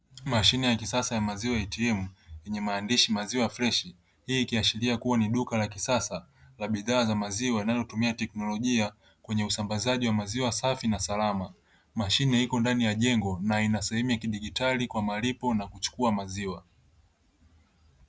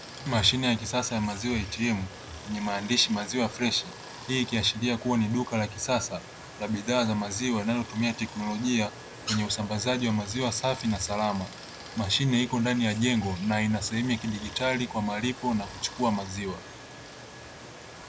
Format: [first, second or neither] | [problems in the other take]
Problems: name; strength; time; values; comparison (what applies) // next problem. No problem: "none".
first | background sound (Stream); 14 dB below the speech